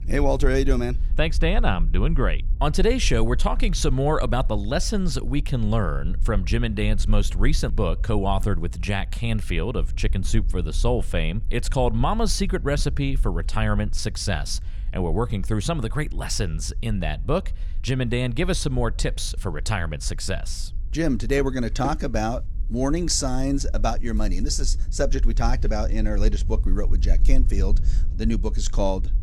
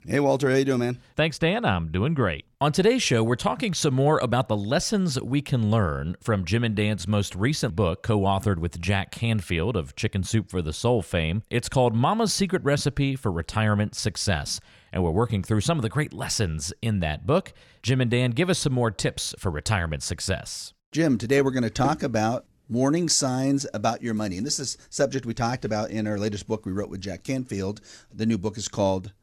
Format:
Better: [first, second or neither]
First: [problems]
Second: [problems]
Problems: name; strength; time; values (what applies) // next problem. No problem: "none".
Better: second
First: low rumble; faint; throughout; 25 dB below the speech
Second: none